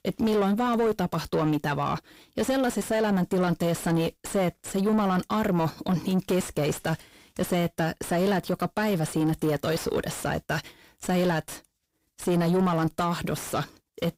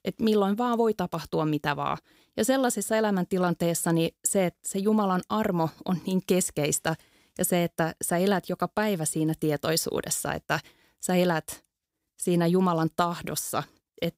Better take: second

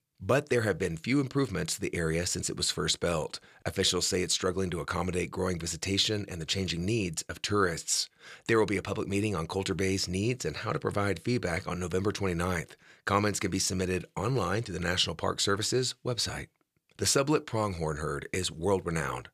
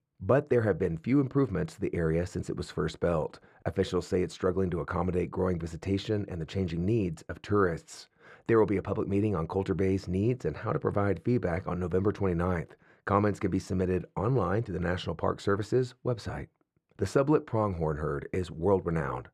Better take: first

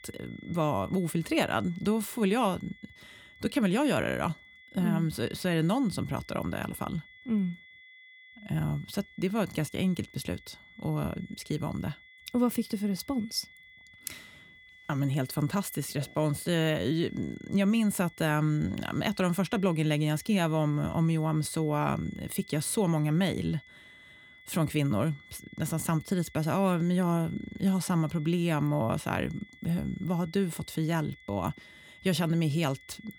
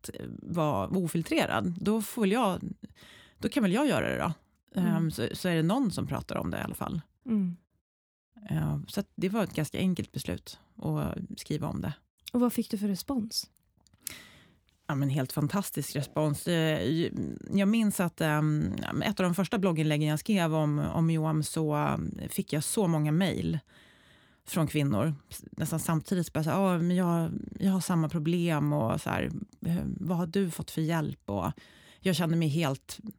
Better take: second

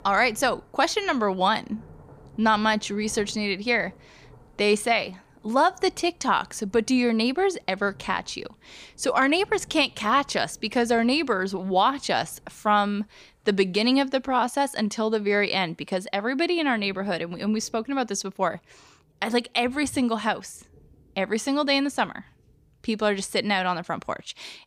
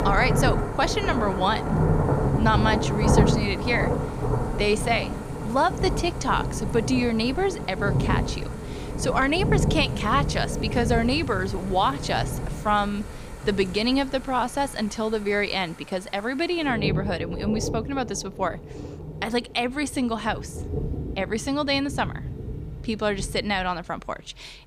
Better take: first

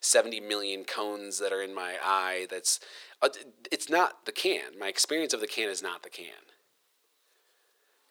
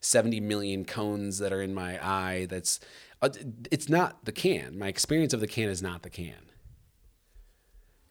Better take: second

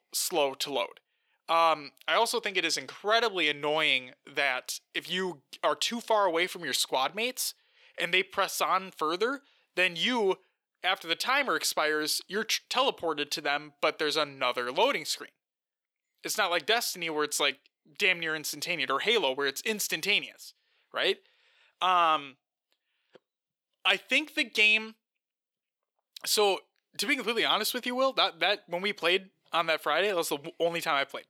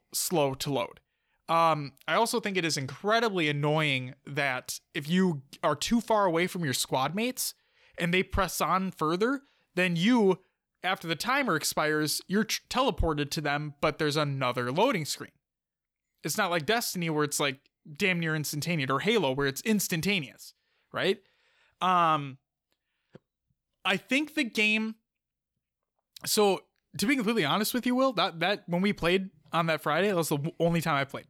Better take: second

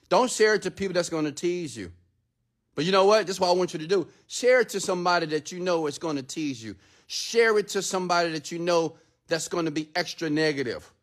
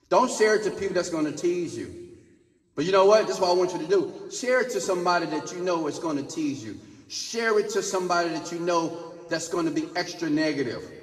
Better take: first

